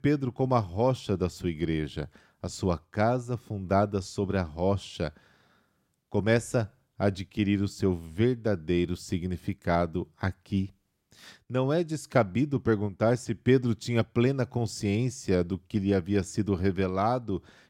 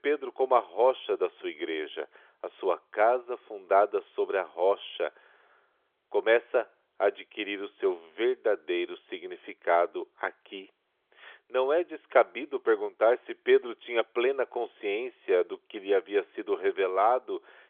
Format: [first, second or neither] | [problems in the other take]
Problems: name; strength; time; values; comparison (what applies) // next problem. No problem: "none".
first | phone-call audio; nothing above 3.5 kHz